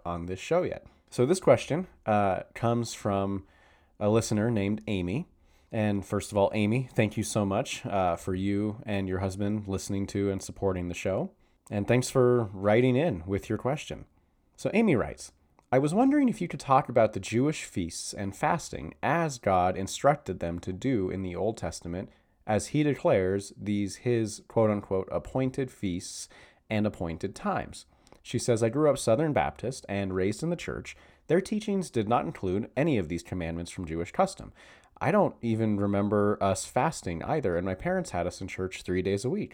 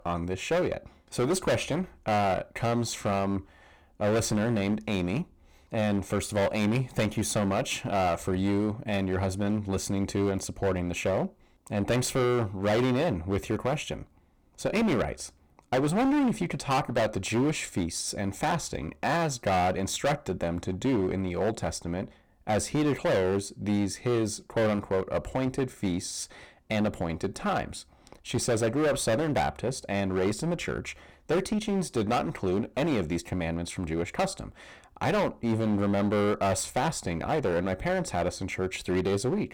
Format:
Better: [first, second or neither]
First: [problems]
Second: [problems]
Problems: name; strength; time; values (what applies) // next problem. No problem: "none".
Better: first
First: none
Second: distortion; heavy; 16% of the sound clipped